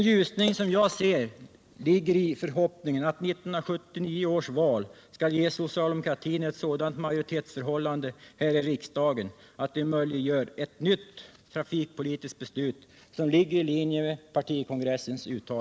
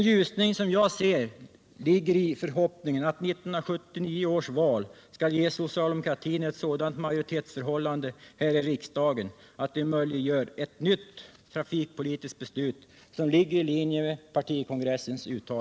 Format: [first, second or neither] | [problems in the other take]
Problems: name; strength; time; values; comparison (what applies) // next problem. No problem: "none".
second | background sound (Water / Splash, splatter); 15 dB below the speech